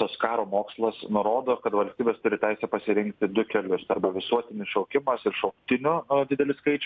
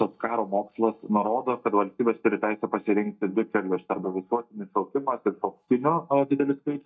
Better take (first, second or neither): first